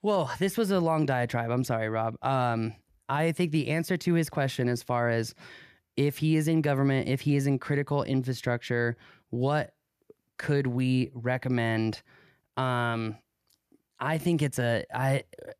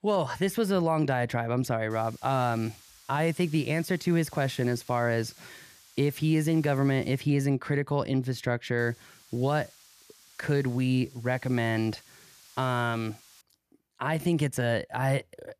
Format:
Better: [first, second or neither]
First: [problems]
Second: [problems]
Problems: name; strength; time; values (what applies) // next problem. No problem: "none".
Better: first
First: none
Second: hiss; faint; from 2 to 7 s and from 9 to 13 s; 25 dB below the speech